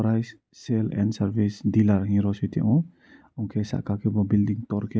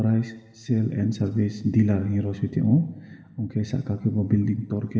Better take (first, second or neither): first